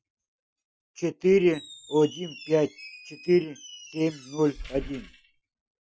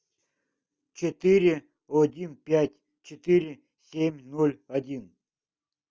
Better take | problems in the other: second | noise reduction (classical method Wiener filter)

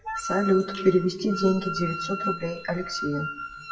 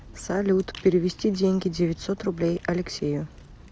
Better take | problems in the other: second | noise reduction (classical method WPE with log-MMSE)

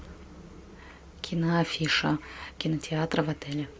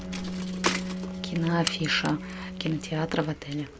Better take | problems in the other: first | background sound (Bicycle + Bowed string instrument); 4 dB below the speech

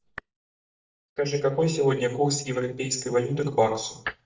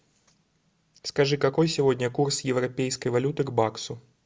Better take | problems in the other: second | noise reduction (neural mask model DeepFilterNet 3)

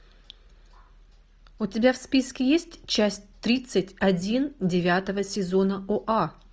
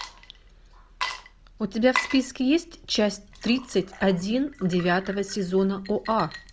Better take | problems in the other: first | background sound (Water / Liquid); 12 dB below the speech

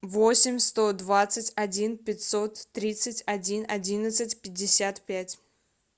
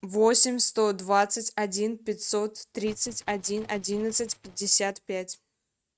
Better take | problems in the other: first | noise reduction (neural mask model RNNoise)

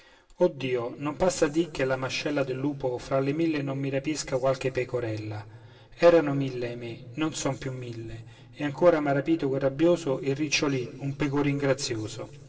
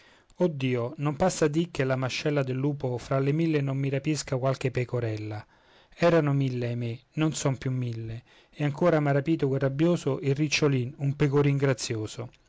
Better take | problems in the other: second | room echo; dies away in 2.9 s

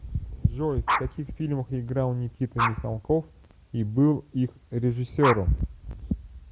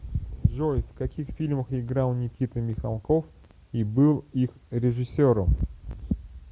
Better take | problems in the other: second | background sound (Dog); 8 dB below the speech

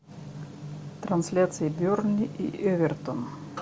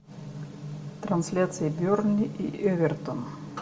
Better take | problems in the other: first | room echo; dies away in 1 s

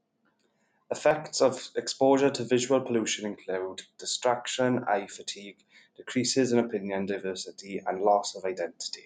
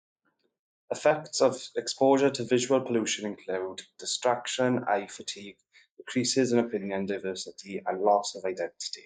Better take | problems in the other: first | noise reduction (neural mask model Resemble Enhance denoiser)

